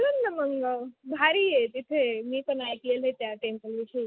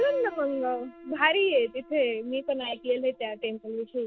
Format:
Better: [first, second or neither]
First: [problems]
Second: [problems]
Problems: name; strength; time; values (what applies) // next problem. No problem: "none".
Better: first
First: none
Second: background sound (Piano); 18 dB below the speech